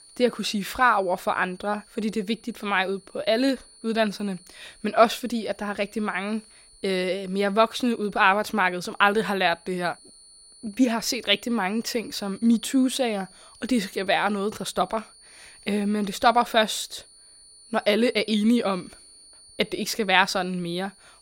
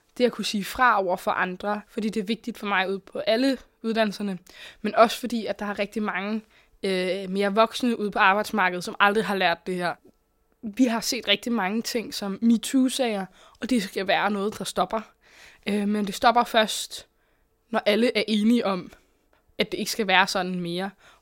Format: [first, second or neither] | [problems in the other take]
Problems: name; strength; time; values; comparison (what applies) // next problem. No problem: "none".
second | high-pitched whine; faint; throughout; 9.5 kHz, 25 dB below the speech